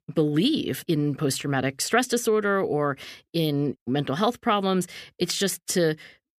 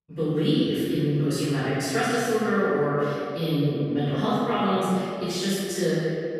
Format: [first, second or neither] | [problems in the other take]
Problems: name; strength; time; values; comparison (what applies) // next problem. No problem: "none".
first | off-mic speech; far // room echo; strong; dies away in 2.4 s